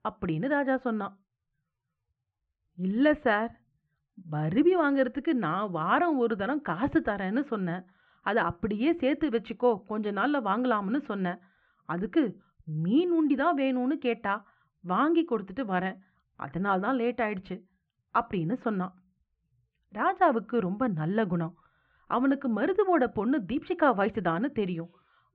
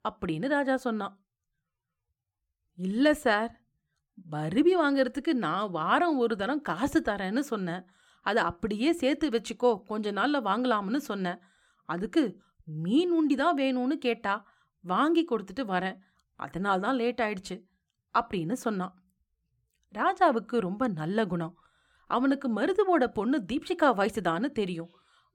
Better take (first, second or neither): second